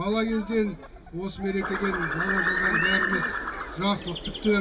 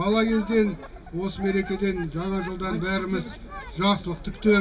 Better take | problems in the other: second | background sound (Bird); as loud as the speech

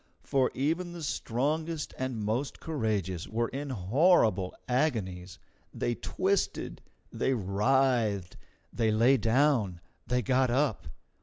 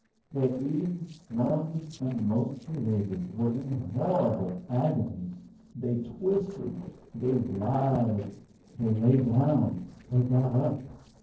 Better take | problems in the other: first | noise reduction (neural separator model SepFormer DNS4)

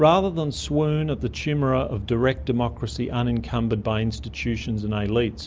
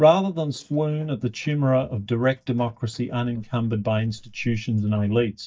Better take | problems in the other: first | noise reduction (neural mask model DeepFilterNet 3)

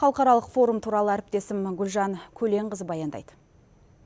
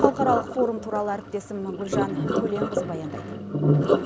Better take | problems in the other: first | background sound (Sink (filling or washing)); 3 dB above the speech

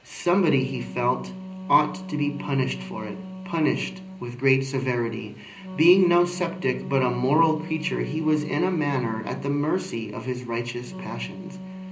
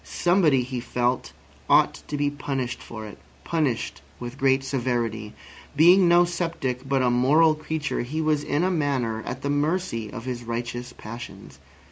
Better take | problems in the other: second | background sound (Wind instrument, woodwind instrument); 13 dB below the speech // room echo; dies away in 0.5 s

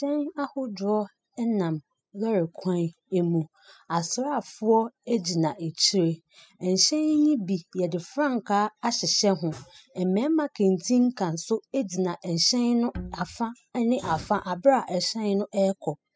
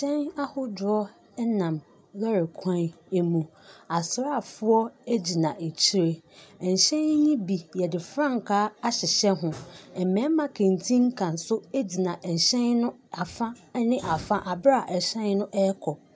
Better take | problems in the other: second | noise reduction (classical method spectral subtraction)

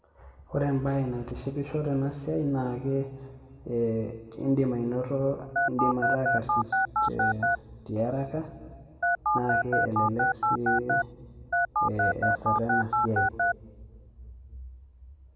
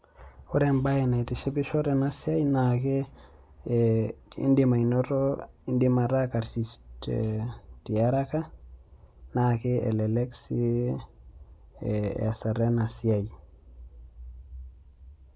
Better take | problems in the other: second | background sound (Telephone); 5 dB above the speech // room echo; dies away in 1.5 s

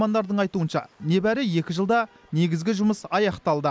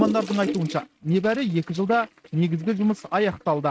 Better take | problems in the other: first | noise reduction (neural mask model RNNoise)

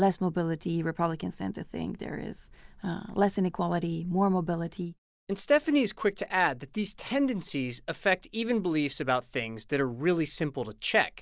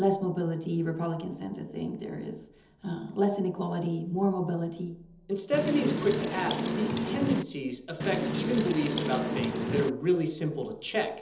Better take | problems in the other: first | background sound (Wind); 1 dB below the speech // room echo; dies away in 1.2 s

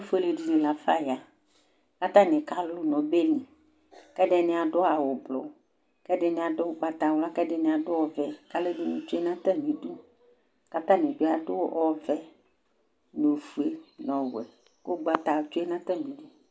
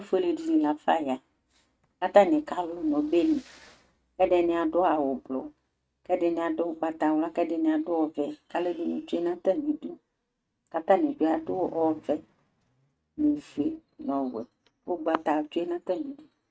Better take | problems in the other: first | noise reduction (neural mask model RNNoise)

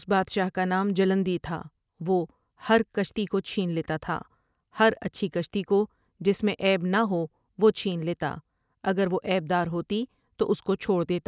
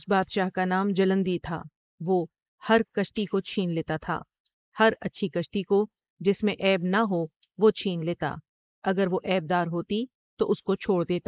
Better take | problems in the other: first | noise reduction (neural mask model Resemble Enhance denoiser)

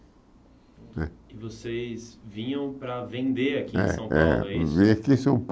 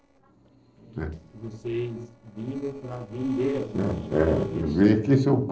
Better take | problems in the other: first | noise reduction (neural separator model SepFormer DNS4)

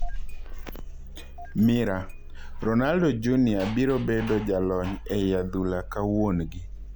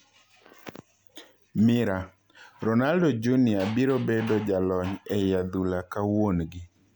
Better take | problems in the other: second | background sound (Engine starting); 8 dB below the speech

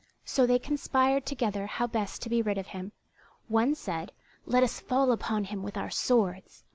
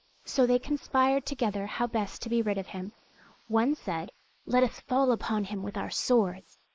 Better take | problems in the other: first | noise reduction (neural mask model Resemble Enhance denoiser)

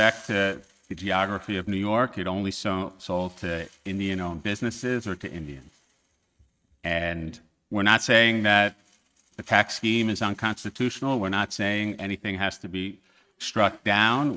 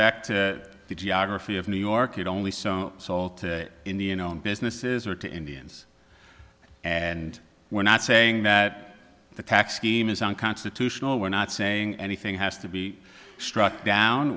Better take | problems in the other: second | noise reduction (neural mask model RNNoise)

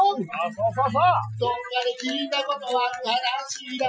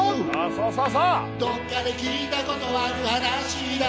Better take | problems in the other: second | noise reduction (classical method Wiener filter)

